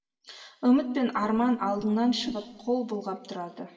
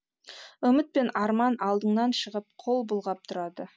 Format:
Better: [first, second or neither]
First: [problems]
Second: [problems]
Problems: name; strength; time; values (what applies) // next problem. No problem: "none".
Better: second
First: background sound (Whoosh, swoosh, swish); 18 dB below the speech // room echo; dies away in 2 s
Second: none